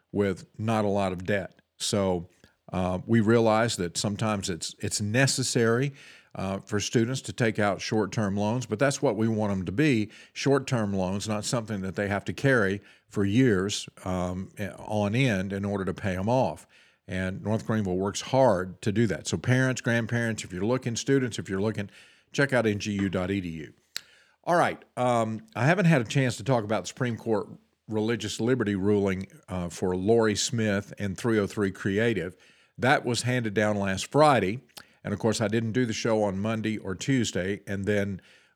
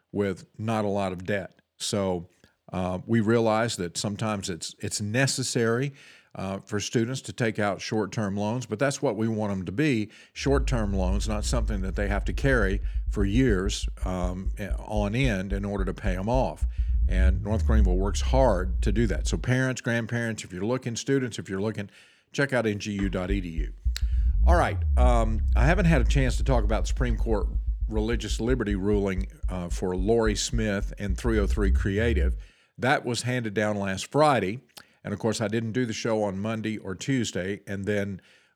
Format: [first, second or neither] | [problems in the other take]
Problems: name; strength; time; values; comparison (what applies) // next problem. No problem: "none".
first | low rumble; faint; from 11 to 19 s and from 23 to 32 s; 20 dB below the speech